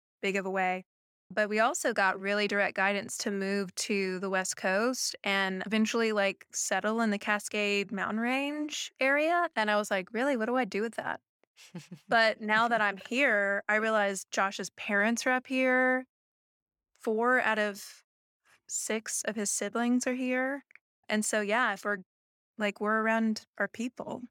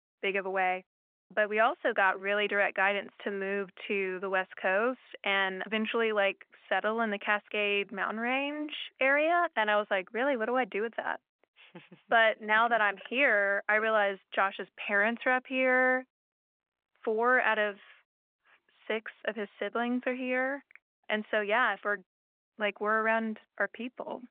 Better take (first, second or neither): first